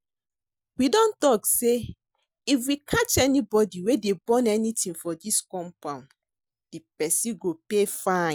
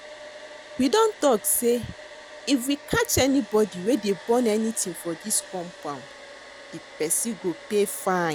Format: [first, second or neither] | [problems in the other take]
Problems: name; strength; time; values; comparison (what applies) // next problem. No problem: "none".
first | background sound (Domestic sounds, home sounds); 17 dB below the speech